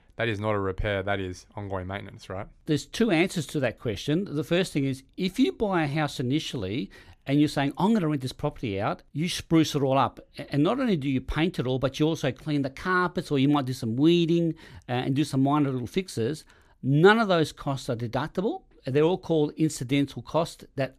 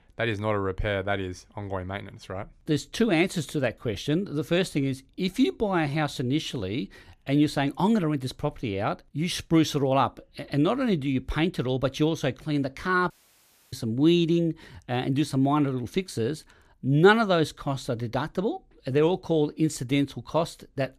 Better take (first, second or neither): first